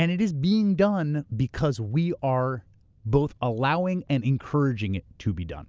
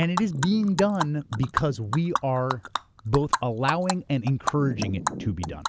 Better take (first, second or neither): first